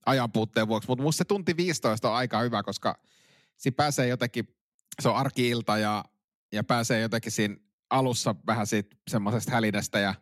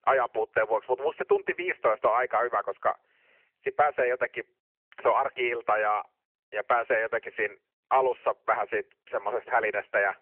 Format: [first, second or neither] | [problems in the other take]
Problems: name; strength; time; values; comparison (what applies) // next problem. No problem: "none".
first | phone-call audio